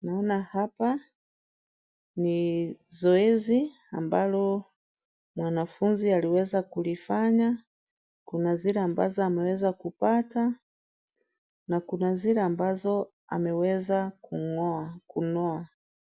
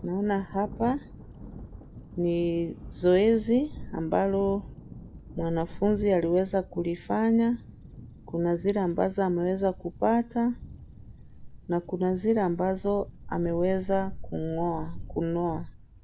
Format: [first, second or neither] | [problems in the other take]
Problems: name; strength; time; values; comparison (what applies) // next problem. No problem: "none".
first | background sound (Thunder); 13 dB below the speech